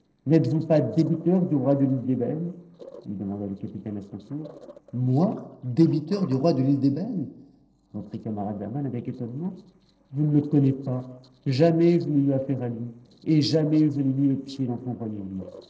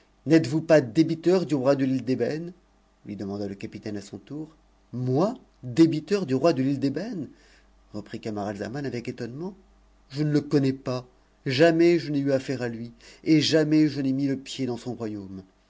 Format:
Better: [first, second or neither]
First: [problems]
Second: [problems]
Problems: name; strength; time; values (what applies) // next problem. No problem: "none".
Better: second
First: noise reduction (neural separator model SepFormer DNS4)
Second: none